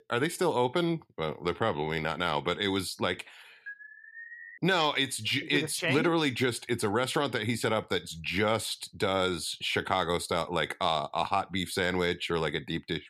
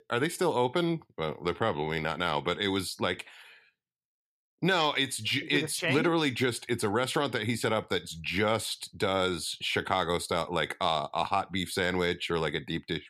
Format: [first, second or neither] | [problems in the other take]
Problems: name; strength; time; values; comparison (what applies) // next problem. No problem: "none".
second | alarm; faint; at 3.5 s; peak 15 dB below the speech